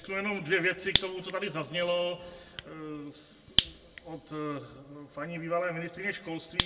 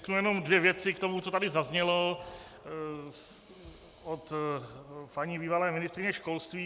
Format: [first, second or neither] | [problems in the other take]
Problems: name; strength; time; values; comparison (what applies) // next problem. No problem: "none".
second | background sound (Fire); 3 dB below the speech // room echo; dies away in 1.2 s